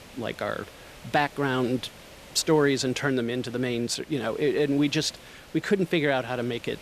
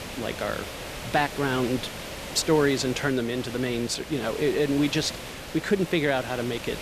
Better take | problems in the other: first | hiss; loud; throughout; 10 dB below the speech; faint in the first

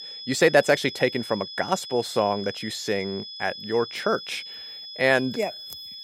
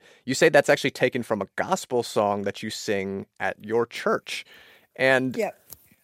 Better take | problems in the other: second | high-pitched whine; noticeable; throughout; 5 kHz, 10 dB below the speech

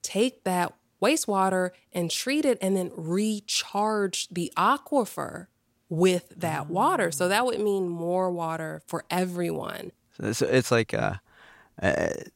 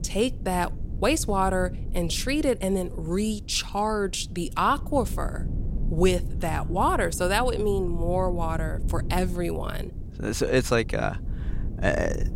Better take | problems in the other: first | low rumble; noticeable; throughout; 20 dB below the speech

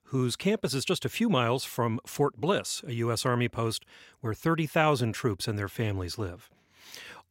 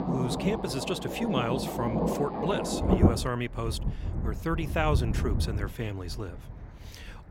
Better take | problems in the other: first | rain or running water; very loud; throughout; 2 dB above the speech

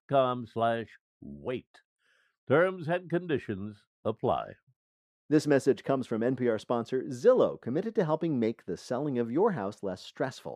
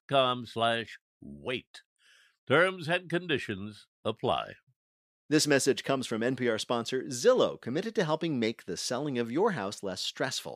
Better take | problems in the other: second | muffled; slightly; fading above 1.5 kHz

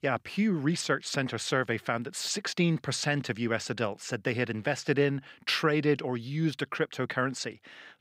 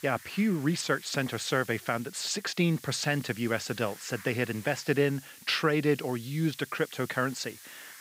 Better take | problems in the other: first | hiss; noticeable; throughout; 20 dB below the speech

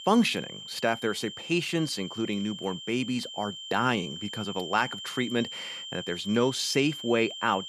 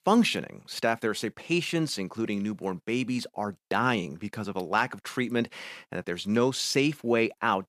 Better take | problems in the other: second | high-pitched whine; loud; throughout; 3 kHz, 9 dB below the speech

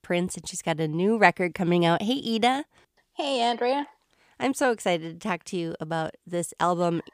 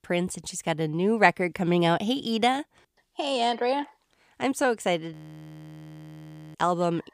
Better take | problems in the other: first | audio freezing; at 5 s for 1.5 s

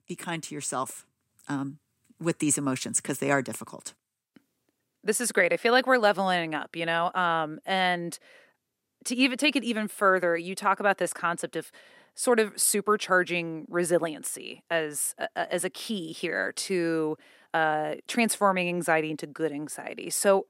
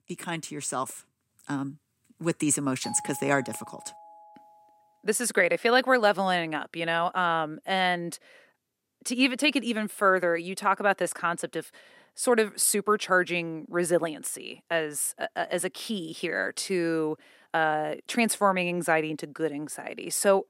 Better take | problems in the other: first | doorbell; faint; from 3 to 4.5 s; peak 10 dB below the speech

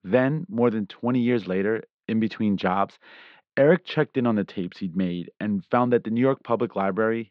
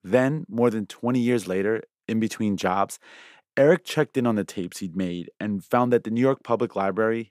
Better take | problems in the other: second | muffled; slightly; fading above 4 kHz

